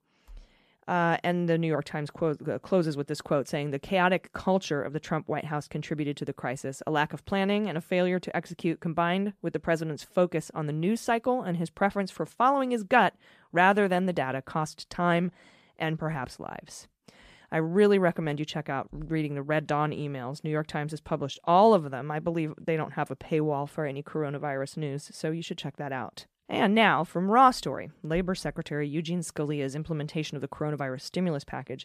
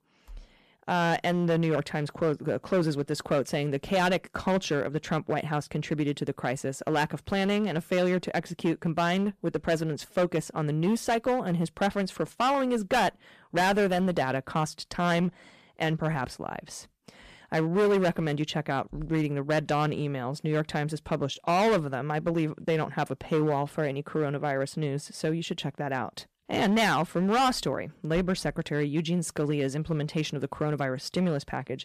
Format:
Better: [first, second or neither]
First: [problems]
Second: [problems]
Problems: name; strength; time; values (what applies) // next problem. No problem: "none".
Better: first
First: none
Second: distortion; heavy; 7% of the sound clipped